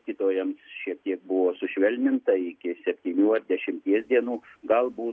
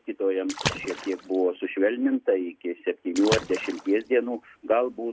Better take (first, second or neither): first